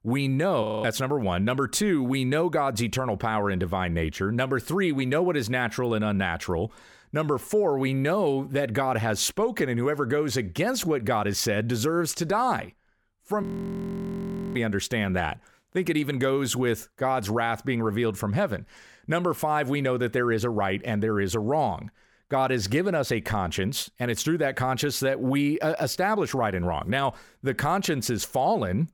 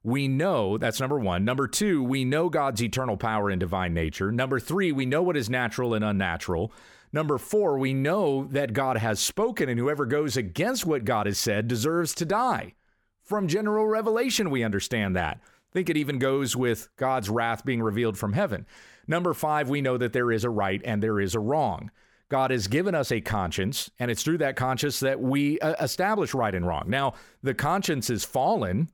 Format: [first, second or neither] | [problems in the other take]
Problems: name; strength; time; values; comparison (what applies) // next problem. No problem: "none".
second | audio freezing; at 0.5 s and at 13 s for 1 s